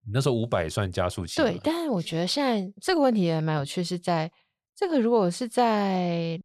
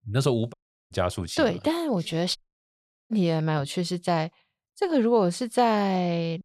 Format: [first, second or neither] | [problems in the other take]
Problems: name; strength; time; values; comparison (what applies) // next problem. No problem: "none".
first | audio cutting out; at 0.5 s and at 2.5 s for 0.5 s